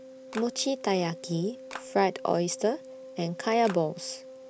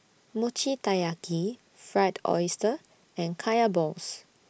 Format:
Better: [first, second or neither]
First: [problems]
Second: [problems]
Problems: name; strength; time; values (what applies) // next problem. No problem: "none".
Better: second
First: background sound (Clapping + Wind instrument, woodwind instrument); 14 dB below the speech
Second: none